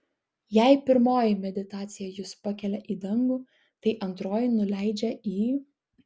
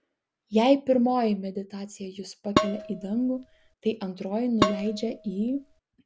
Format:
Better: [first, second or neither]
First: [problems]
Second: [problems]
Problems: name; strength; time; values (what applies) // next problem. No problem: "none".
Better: first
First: none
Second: background sound (Dishes, pots, and pans); 2 dB below the speech